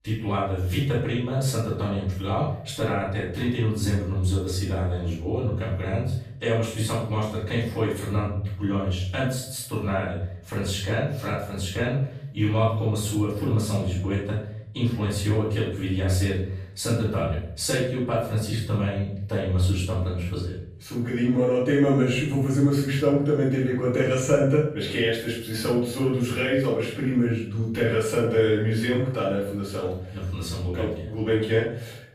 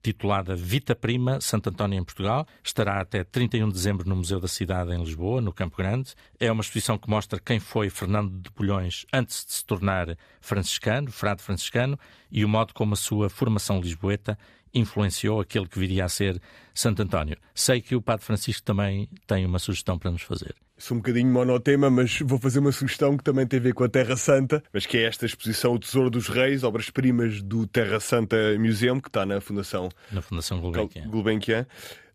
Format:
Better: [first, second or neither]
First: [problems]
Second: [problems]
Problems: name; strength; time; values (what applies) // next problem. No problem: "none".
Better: second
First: off-mic speech; far // room echo; noticeable; dies away in 0.6 s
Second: none